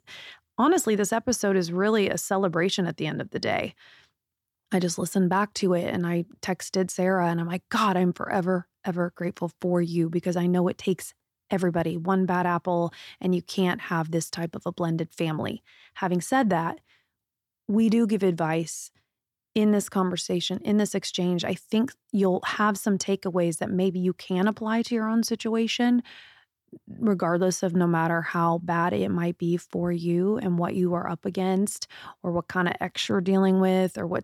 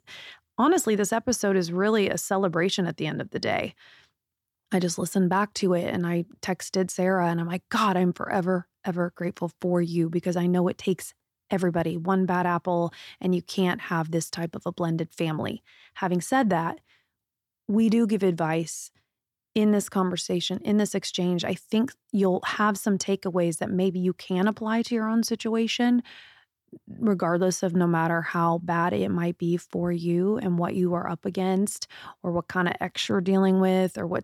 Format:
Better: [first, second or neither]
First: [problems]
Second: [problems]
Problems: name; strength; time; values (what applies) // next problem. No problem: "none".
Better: neither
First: none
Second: none